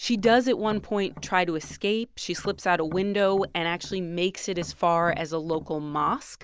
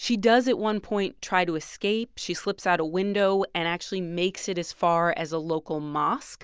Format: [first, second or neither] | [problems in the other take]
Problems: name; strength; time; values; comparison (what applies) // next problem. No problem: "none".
second | background sound (Tap); 18 dB below the speech